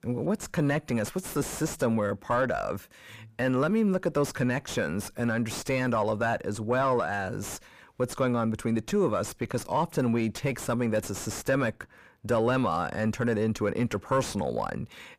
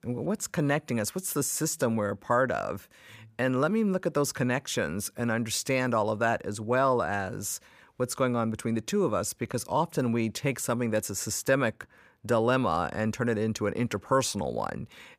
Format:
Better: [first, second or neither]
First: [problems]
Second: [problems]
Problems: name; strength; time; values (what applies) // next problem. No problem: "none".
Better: second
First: distortion; slight; 9 dB below the speech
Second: none